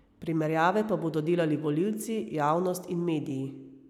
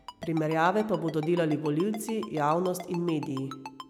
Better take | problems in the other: first | background sound (Ringtone); 16 dB below the speech

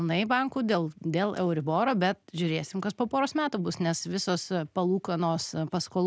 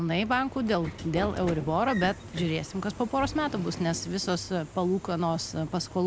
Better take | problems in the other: first | background sound (Sliding door / Train); 12 dB below the speech

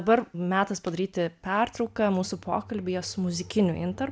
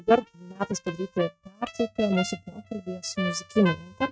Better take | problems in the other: first | noise reduction (neural mask model RNNoise)

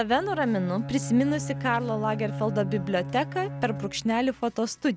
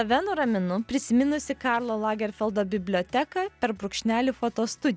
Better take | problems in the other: second | background sound (Bowed string instrument); 9 dB below the speech

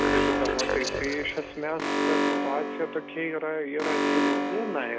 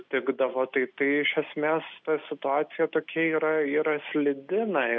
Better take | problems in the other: second | background sound (Alarm); 3 dB above the speech

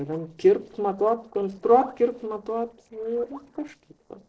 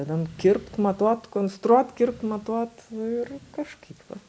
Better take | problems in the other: second | noise reduction (neural separator model SepFormer DNS4)

